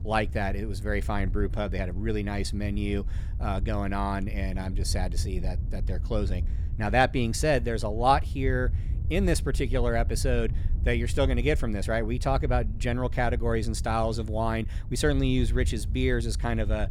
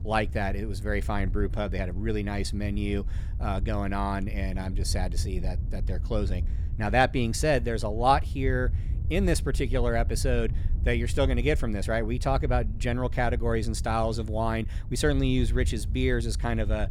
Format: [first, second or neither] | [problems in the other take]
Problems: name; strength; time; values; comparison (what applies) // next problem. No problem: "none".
neither | wind noise on the microphone; occasional gusts; 20 dB below the speech; the same in both